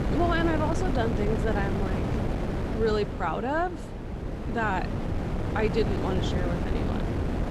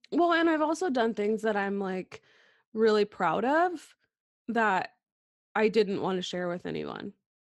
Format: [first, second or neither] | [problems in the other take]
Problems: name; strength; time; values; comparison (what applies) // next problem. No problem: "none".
second | wind noise on the microphone; heavy; 5 dB below the speech